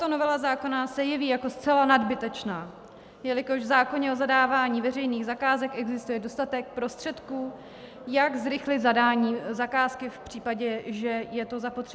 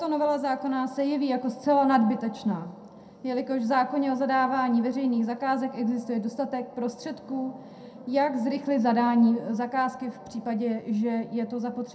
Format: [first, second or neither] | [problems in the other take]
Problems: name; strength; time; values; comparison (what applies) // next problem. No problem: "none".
first | room echo; dies away in 0.2 s